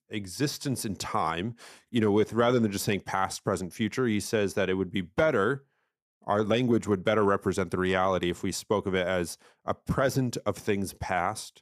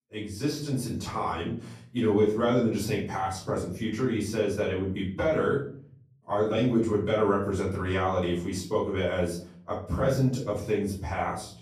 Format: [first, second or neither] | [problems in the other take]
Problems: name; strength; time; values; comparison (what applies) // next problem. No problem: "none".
first | off-mic speech; far // room echo; noticeable; dies away in 0.7 s